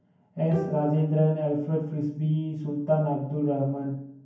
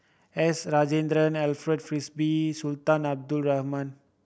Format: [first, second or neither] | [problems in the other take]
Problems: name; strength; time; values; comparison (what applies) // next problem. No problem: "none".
second | background sound (Bowed string instrument); 17 dB below the speech // room echo; dies away in 0.9 s